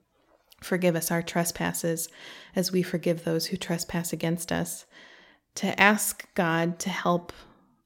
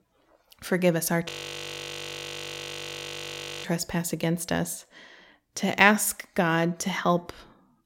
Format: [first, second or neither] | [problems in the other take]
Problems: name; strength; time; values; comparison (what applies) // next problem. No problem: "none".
first | audio freezing; at 1.5 s for 2.5 s